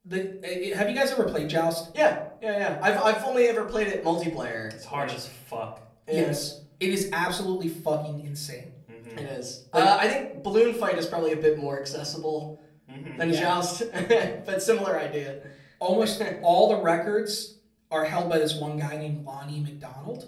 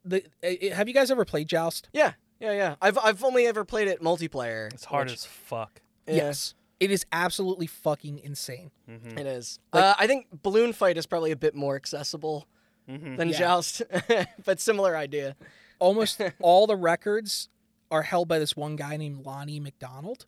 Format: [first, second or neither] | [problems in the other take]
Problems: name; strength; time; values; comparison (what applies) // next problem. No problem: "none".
second | off-mic speech; somewhat distant // room echo; slight; dies away in 0.4 s